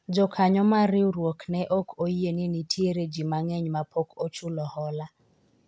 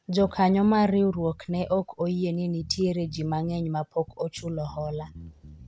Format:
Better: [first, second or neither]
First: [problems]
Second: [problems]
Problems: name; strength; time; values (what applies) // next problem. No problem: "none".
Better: first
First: none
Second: background sound (Bass guitar); 19 dB below the speech